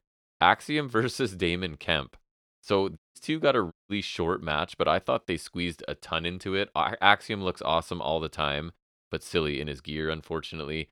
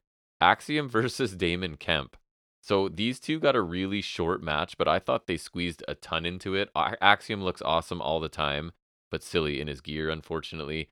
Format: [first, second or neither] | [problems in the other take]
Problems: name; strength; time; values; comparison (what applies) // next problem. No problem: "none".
second | audio cutting out; at 3 s and at 3.5 s